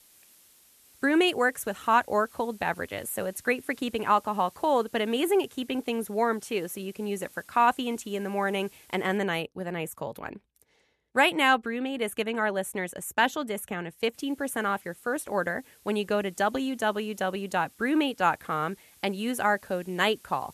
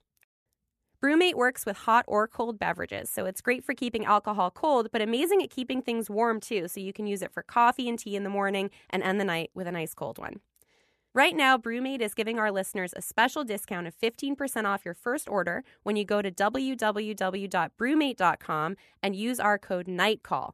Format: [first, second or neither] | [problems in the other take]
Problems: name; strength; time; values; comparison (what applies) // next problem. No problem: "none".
second | hiss; faint; until 9 s and from 14 s on; 25 dB below the speech